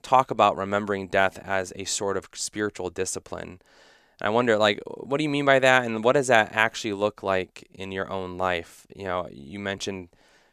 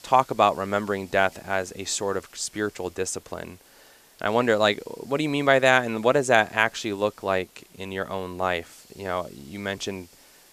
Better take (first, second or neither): first